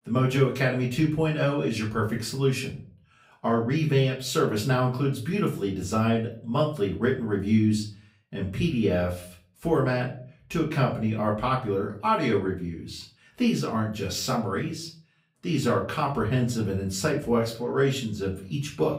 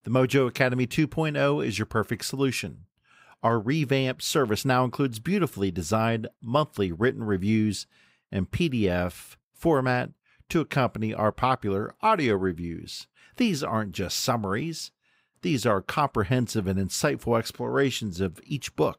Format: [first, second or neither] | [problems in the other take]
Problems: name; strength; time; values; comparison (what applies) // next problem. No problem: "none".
second | off-mic speech; far // room echo; slight; dies away in 0.3 s